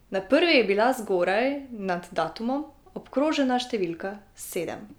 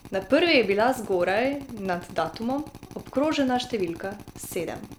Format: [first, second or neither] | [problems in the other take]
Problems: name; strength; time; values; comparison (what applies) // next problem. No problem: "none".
first | background sound (Drill); 18 dB below the speech